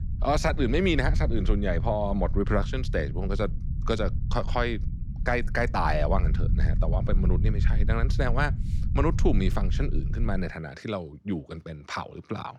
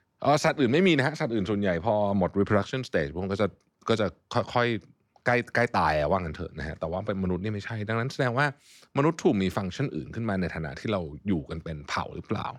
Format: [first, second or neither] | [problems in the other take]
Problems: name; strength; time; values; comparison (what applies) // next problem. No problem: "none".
second | low rumble; noticeable; until 10 s; 15 dB below the speech